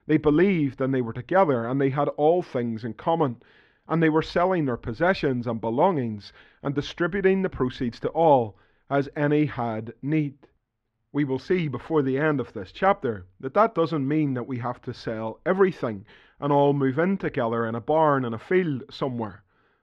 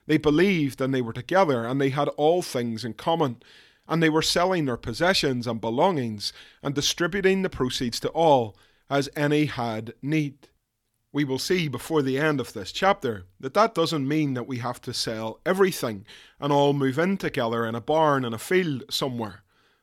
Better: second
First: muffled; very; fading above 2 kHz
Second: none

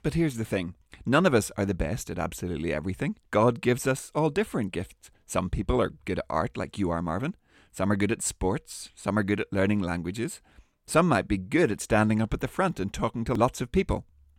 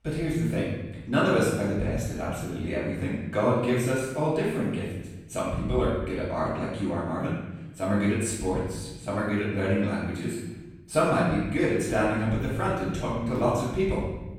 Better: first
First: none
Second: off-mic speech; far // room echo; noticeable; dies away in 1 s

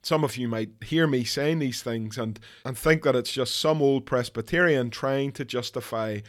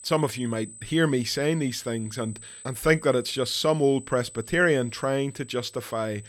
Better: first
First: none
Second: high-pitched whine; noticeable; throughout; 8 kHz, 15 dB below the speech

